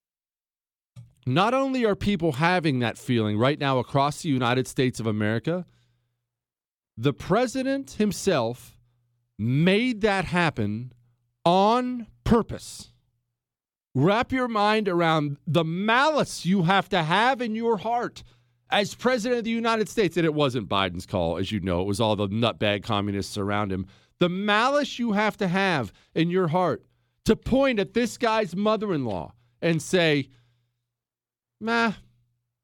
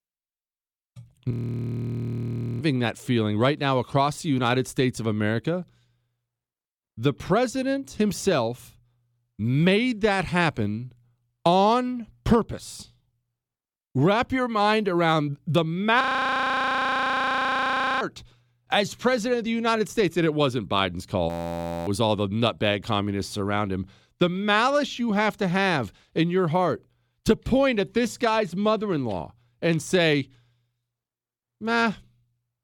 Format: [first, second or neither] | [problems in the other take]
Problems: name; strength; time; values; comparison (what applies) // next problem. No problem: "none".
first | audio freezing; at 1.5 s for 1.5 s, at 16 s for 2 s and at 21 s for 0.5 s